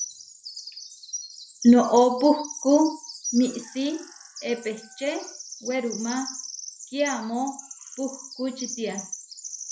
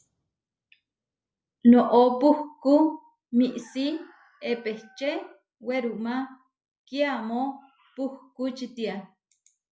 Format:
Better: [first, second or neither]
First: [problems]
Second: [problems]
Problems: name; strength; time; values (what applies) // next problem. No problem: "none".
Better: second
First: background sound (Bird vocalization, bird call, bird song); 13 dB below the speech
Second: none